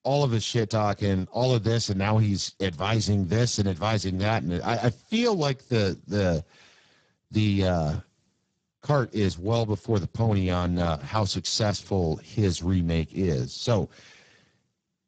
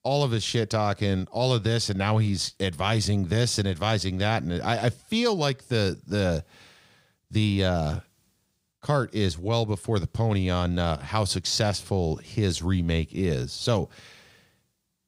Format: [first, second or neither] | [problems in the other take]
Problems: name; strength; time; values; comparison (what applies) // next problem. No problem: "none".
second | garbled, watery; badly; nothing above 7.5 kHz